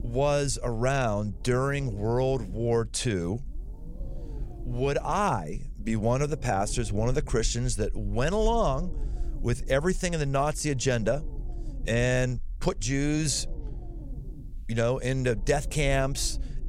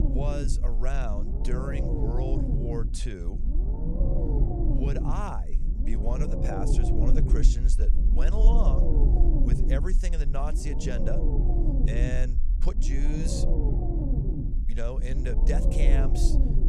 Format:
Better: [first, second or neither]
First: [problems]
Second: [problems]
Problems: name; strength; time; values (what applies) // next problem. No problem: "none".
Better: first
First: low rumble; faint; throughout; 25 dB below the speech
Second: low rumble; loud; throughout; 1 dB below the speech